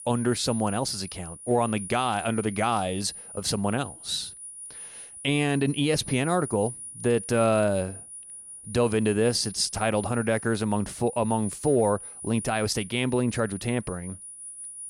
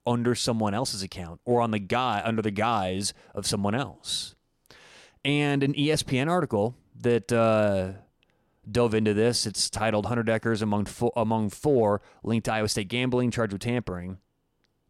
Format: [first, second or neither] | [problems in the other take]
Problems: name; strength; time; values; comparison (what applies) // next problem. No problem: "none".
second | high-pitched whine; noticeable; throughout; 9.5 kHz, 10 dB below the speech